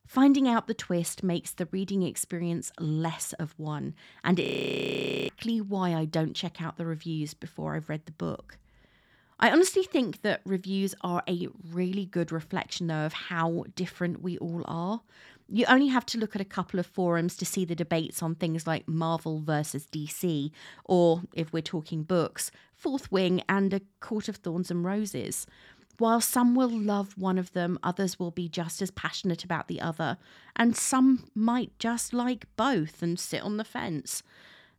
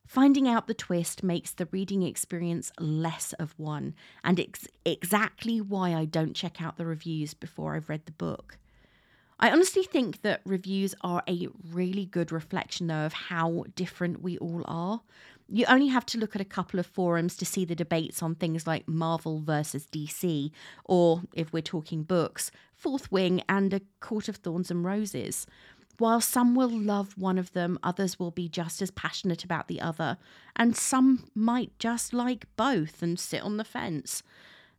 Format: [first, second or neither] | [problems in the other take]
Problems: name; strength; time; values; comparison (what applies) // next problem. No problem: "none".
second | audio freezing; at 4.5 s for 1 s